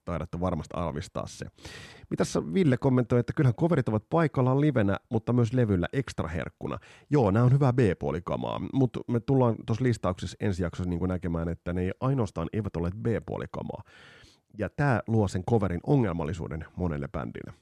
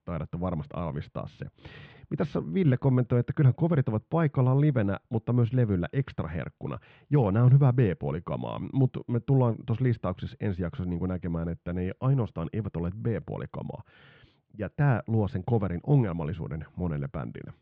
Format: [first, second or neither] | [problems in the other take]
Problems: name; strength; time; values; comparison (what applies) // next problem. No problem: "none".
first | muffled; very; fading above 3 kHz